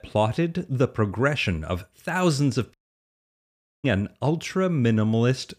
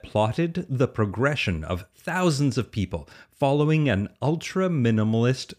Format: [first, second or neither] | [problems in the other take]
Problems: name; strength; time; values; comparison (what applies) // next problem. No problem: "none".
second | audio cutting out; at 2.5 s for 1 s